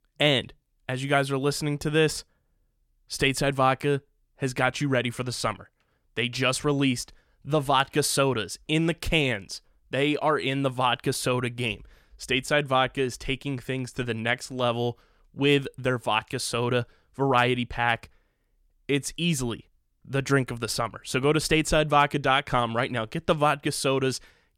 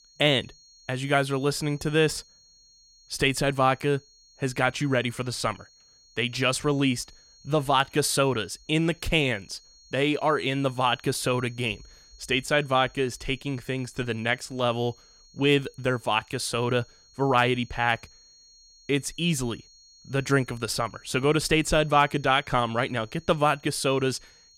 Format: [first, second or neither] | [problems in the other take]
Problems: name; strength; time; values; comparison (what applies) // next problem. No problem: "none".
first | high-pitched whine; faint; throughout; 4.5 kHz, 30 dB below the speech